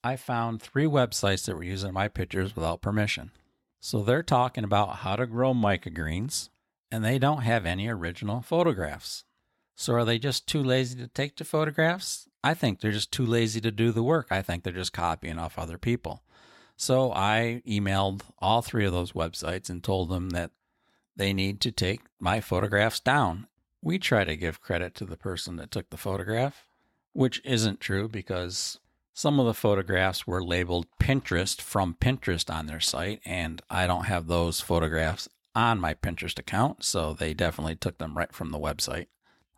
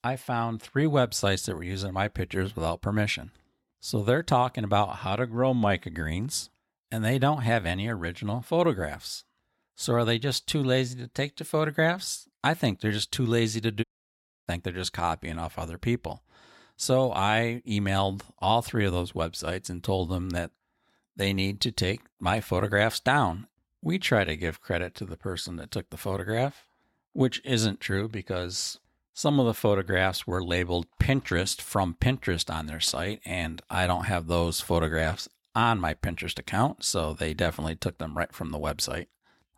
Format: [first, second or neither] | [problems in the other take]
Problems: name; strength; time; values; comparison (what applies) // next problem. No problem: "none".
first | audio cutting out; at 14 s for 0.5 s